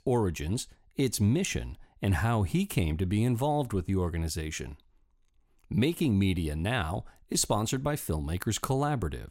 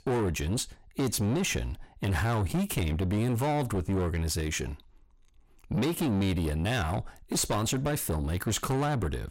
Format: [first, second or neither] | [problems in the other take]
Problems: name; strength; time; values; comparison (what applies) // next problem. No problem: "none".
first | distortion; heavy; 8 dB below the speech